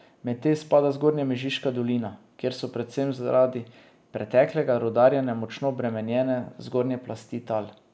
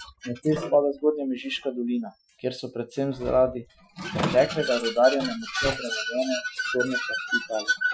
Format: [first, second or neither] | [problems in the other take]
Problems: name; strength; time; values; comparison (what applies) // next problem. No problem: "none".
first | noise reduction (classical method Wiener filter)